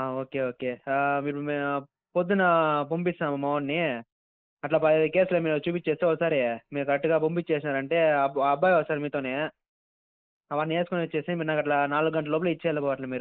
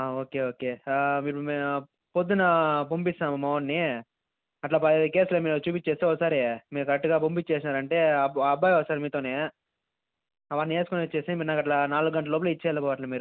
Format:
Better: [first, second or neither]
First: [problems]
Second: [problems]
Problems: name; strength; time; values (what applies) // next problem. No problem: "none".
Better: second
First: noise reduction (neural mask model Resemble Enhance denoiser)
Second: none